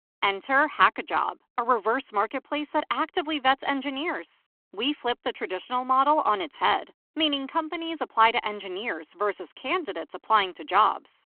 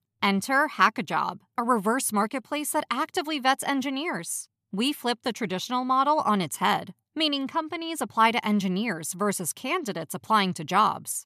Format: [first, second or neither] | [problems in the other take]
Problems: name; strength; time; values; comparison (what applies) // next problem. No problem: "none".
second | phone-call audio